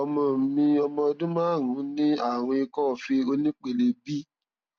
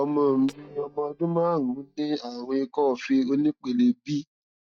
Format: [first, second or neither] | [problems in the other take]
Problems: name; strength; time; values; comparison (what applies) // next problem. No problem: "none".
first | noise reduction (neural mask model DeepFilterNet 3)